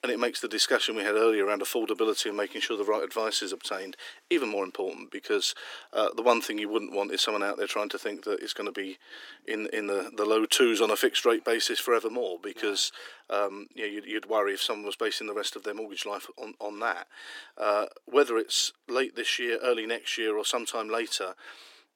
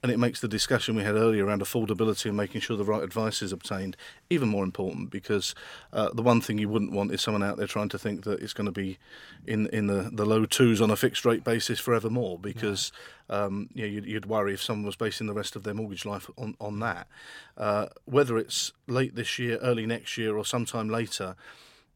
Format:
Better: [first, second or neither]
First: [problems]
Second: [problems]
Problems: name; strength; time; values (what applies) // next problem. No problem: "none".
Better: second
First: thin; somewhat; fading below 300 Hz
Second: none